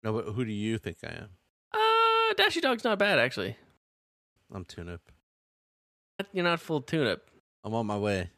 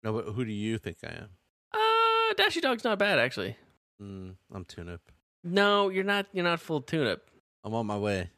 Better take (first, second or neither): second